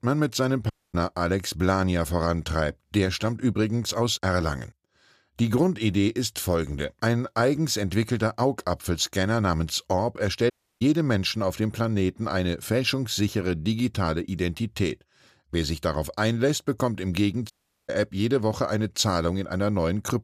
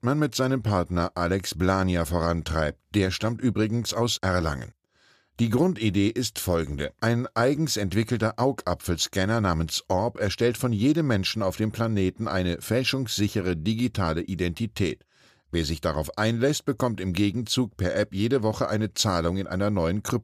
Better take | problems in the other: second | audio cutting out; at 0.5 s, at 11 s and at 18 s

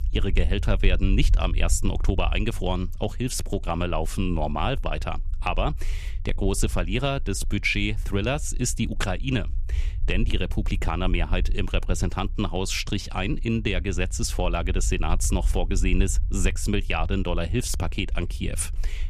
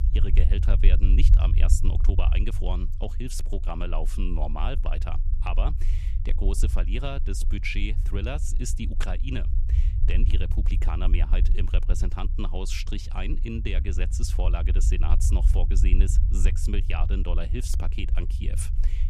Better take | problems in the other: first | low rumble; loud; throughout; 10 dB below the speech; faint in the first

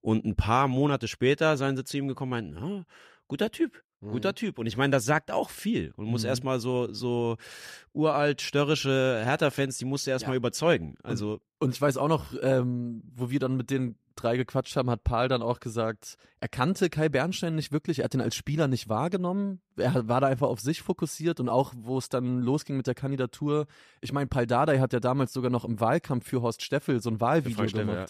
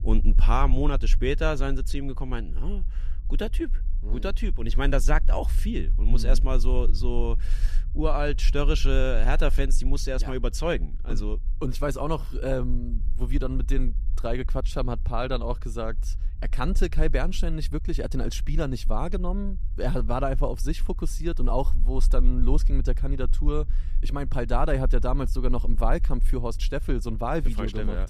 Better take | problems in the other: first | low rumble; faint; throughout; 20 dB below the speech

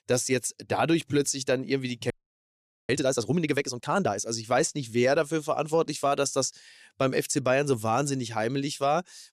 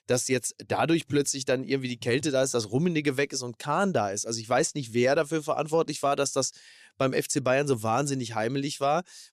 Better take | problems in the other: second | audio freezing; at 2 s for 1 s

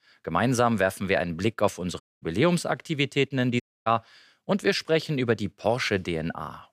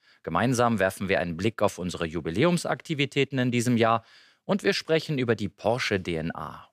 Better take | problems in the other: second | audio cutting out; at 2 s and at 3.5 s

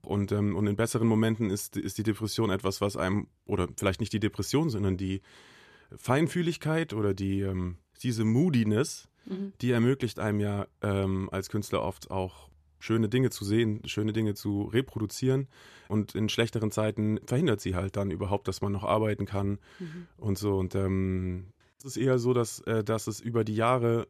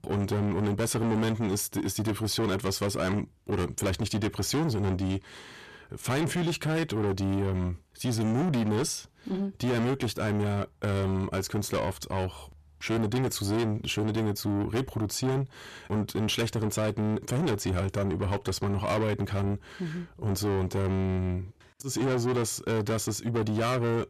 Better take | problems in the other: first | distortion; heavy; 7 dB below the speech

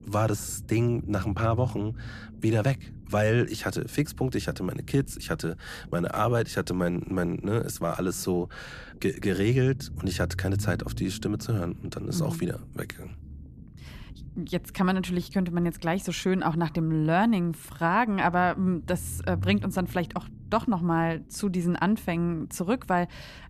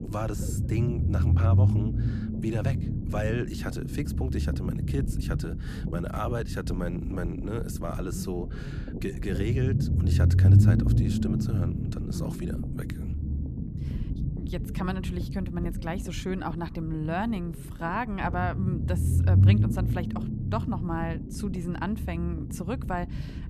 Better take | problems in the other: first | low rumble; loud; throughout; 4 dB below the speech; faint in the first

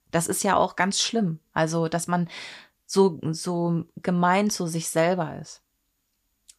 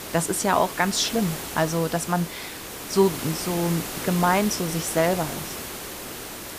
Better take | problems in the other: first | hiss; loud; throughout; 8 dB below the speech

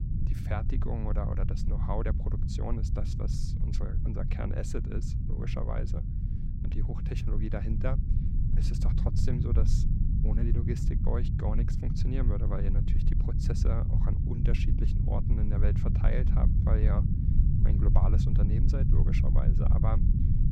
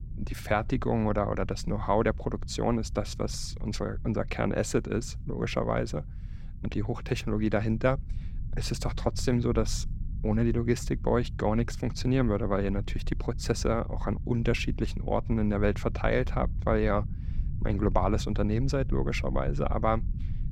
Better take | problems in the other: second | low rumble; loud; throughout; 2 dB below the speech; faint in the second

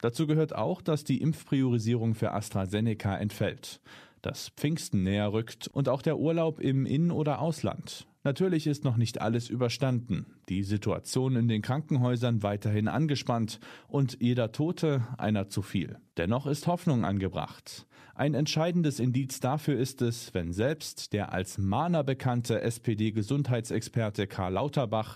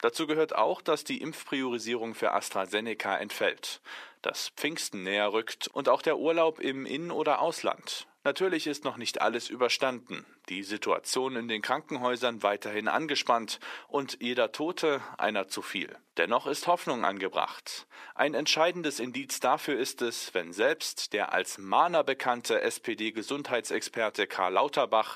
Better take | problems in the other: first | thin; very; fading below 350 Hz

